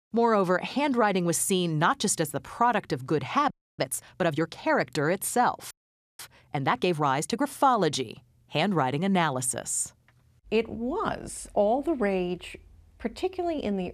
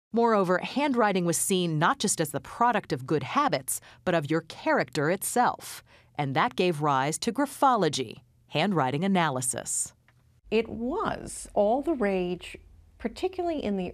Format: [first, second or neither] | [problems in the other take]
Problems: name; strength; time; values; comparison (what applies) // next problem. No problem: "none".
second | audio freezing; at 3.5 s and at 5.5 s